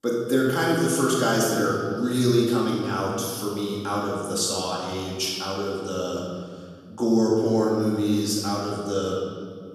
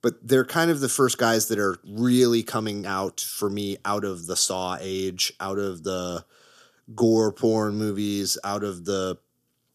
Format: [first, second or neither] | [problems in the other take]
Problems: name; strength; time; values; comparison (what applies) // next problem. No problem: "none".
second | room echo; noticeable; dies away in 2 s // off-mic speech; far